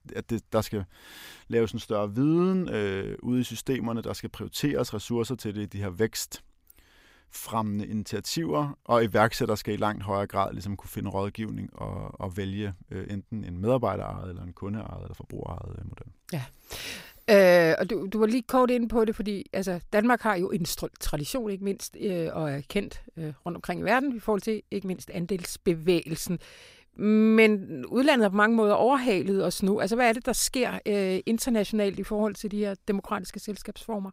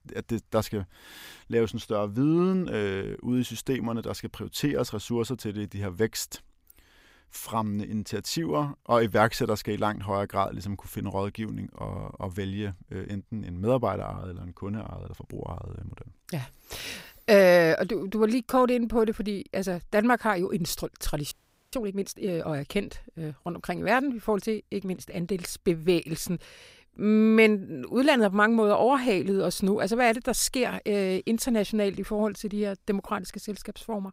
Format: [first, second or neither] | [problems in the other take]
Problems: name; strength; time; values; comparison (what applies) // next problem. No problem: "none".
first | audio freezing; at 21 s